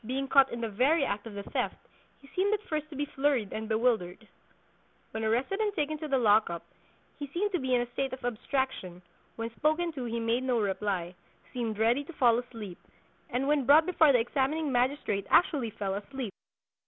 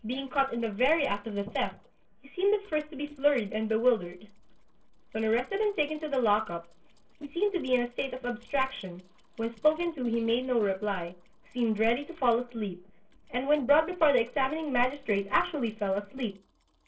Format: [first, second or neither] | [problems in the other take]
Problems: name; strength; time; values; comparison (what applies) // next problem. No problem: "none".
first | noise reduction (neural separator model SepFormer DNS4)